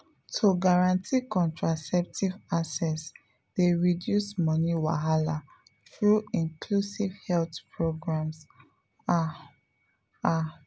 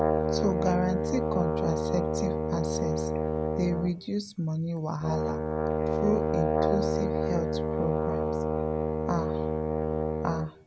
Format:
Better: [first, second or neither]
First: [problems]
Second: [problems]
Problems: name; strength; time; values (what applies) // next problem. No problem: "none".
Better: first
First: none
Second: background sound (Brass instrument); 4 dB above the speech